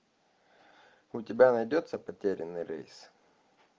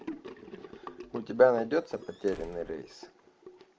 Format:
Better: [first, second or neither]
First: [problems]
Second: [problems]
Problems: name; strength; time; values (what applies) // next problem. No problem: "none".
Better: first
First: none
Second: background sound (Squeak / Slam / Wood + Sink (filling or washing) / Gurgling); 15 dB below the speech